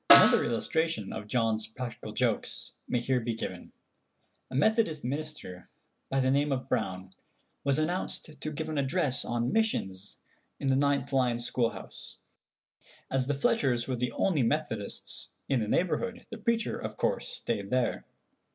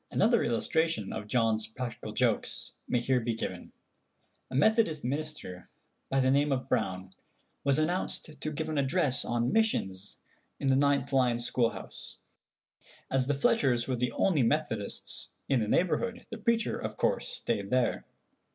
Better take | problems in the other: second | background sound (Snare drum); 2 dB above the speech

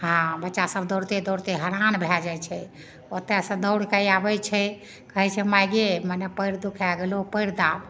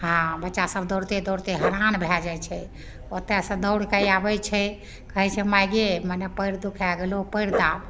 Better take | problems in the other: first | background sound (Dog); 11 dB below the speech

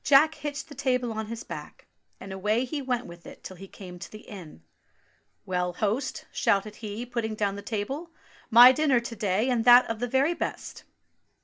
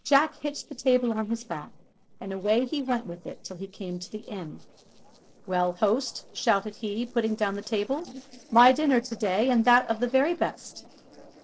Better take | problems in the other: first | noise reduction (neural separator model SepFormer DNS4)

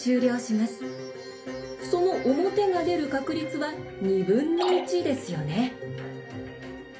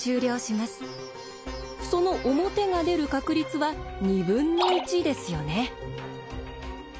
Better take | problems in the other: second | room echo; dies away in 0.3 s

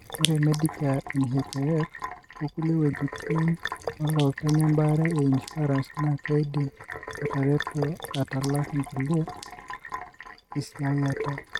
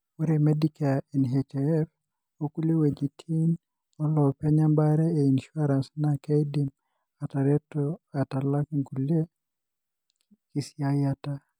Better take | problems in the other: second | noise reduction (neural mask model RNNoise)

